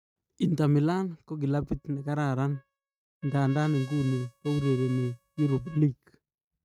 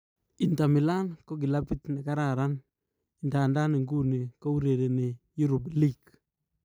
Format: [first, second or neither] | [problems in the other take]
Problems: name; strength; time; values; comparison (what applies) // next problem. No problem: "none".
second | noise reduction (neural mask model RNNoise)